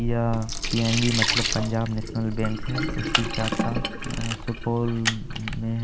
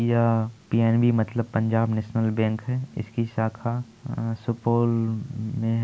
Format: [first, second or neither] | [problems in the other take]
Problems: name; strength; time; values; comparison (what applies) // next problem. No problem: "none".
second | background sound (Sink (filling or washing) + Camera); 1 dB below the speech